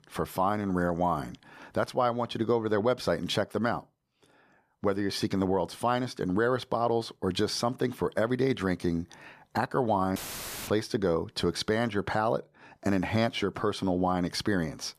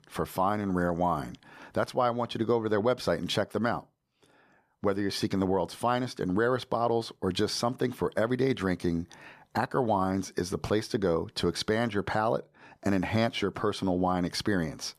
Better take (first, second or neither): second